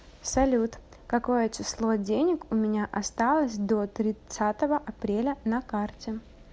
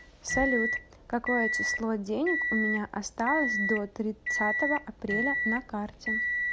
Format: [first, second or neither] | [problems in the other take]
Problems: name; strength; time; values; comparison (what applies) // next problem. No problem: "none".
first | background sound (Microwave oven); as loud as the speech